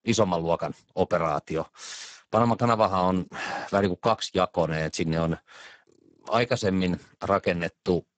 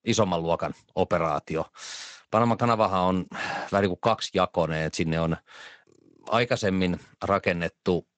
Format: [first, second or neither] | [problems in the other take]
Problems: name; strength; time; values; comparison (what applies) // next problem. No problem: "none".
second | garbled, watery; badly; nothing above 7.5 kHz; slightly in the second